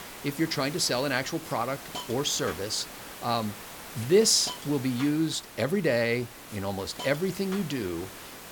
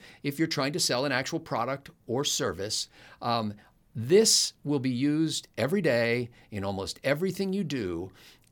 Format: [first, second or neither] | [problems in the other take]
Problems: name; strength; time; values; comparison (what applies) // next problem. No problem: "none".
second | hiss; noticeable; throughout; 15 dB below the speech